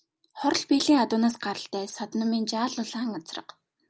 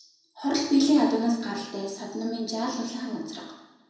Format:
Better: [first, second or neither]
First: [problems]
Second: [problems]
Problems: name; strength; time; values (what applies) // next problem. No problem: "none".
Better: first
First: none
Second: room echo; dies away in 0.9 s